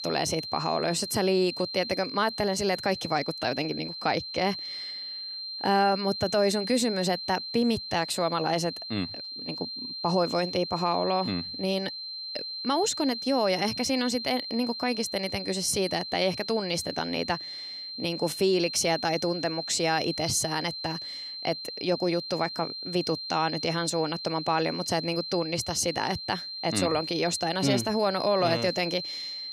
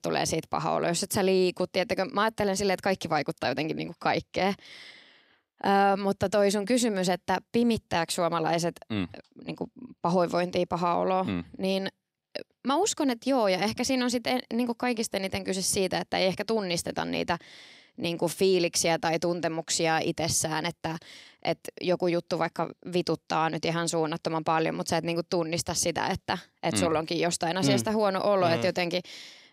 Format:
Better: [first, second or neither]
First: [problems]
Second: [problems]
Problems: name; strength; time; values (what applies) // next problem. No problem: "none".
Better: second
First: high-pitched whine; loud; throughout; 4 kHz, 6 dB below the speech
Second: none